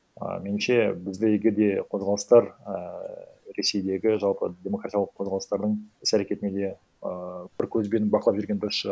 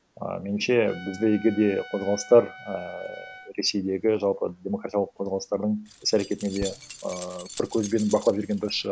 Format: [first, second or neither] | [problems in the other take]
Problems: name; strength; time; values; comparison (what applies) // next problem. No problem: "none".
first | background sound (Trumpet + Keys jangling); 17 dB below the speech